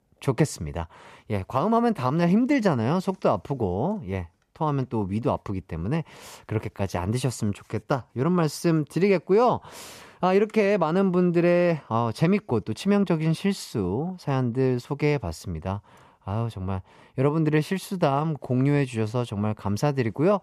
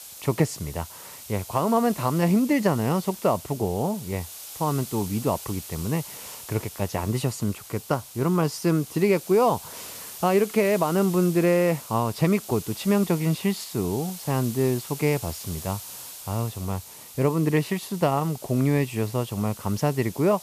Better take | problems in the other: first | hiss; noticeable; throughout; 15 dB below the speech

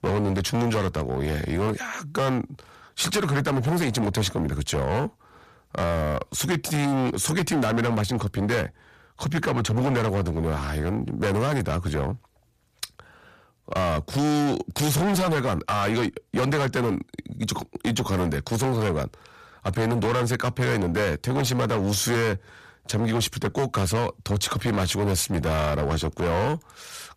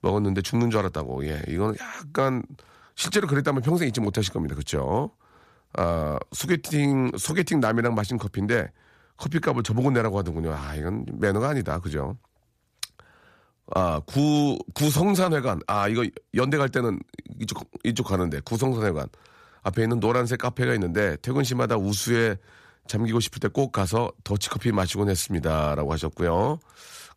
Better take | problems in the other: second | distortion; heavy; 19% of the sound clipped

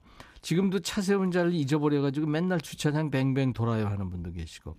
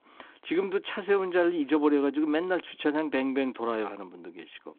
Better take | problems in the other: first | phone-call audio

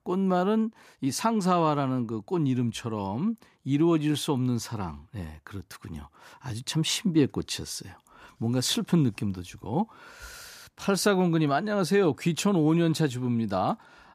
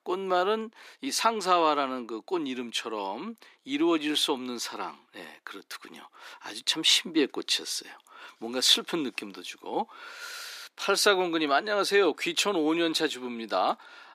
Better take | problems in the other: first | thin; somewhat; fading below 300 Hz

